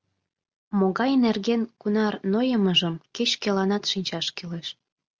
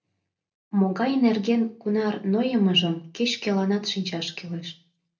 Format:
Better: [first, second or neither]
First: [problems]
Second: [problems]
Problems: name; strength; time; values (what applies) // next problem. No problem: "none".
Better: first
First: none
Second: room echo; dies away in 0.3 s